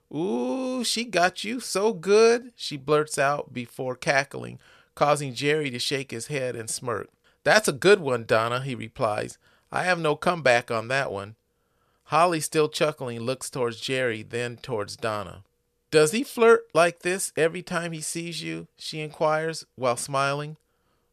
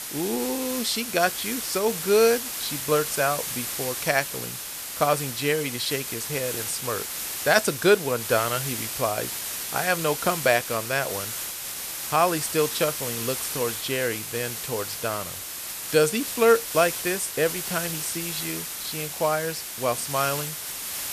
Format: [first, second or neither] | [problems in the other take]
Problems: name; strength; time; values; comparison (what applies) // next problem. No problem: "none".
first | hiss; loud; throughout; 4 dB below the speech